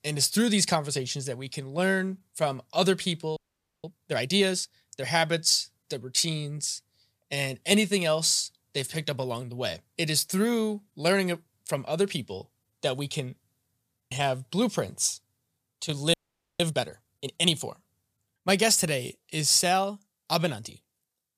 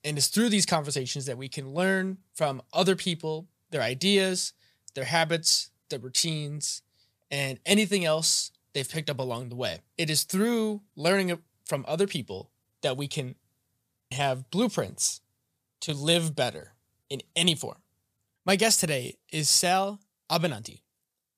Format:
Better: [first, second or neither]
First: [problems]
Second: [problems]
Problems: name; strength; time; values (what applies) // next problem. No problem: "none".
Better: second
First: audio freezing; at 3.5 s and at 16 s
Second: none